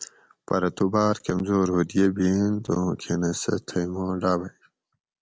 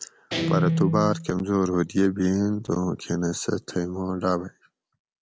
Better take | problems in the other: first | background sound (Guitar); 3 dB below the speech

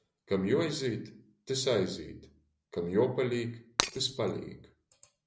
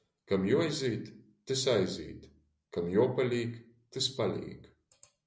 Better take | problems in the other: second | background sound (Shatter); 1 dB below the speech

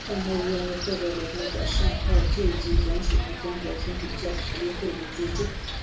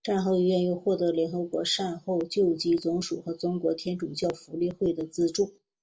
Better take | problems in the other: second | background sound (Wind); 4 dB above the speech // room echo; dies away in 0.3 s

